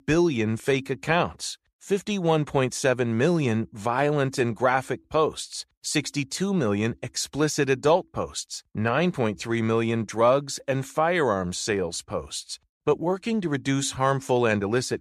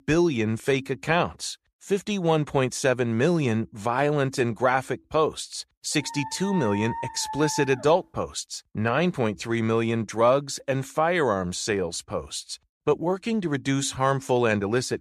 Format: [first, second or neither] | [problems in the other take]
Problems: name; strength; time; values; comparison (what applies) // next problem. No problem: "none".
first | dog barking; noticeable; from 6 to 8 s; peak 8 dB below the speech